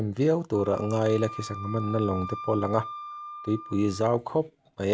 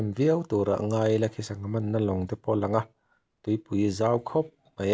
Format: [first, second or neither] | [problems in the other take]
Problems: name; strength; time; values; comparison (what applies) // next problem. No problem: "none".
second | background sound (Wind instrument, woodwind instrument); 13 dB below the speech